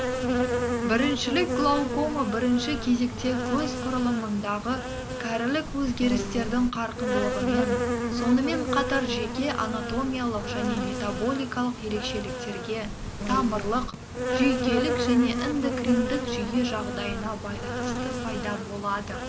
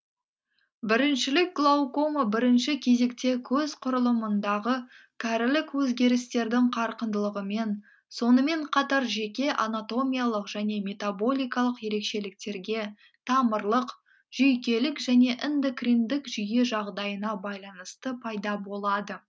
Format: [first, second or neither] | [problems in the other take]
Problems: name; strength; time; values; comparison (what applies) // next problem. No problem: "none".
second | background sound (Insect); 2 dB below the speech